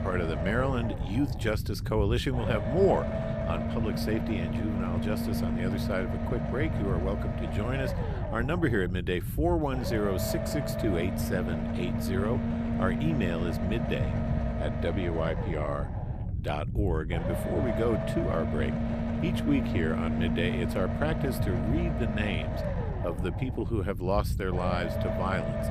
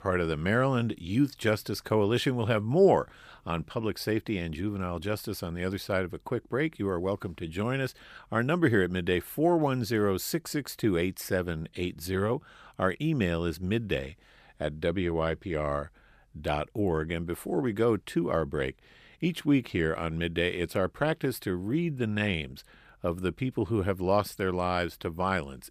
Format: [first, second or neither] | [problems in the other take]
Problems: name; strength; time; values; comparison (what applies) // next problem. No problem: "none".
second | low rumble; loud; throughout; 3 dB below the speech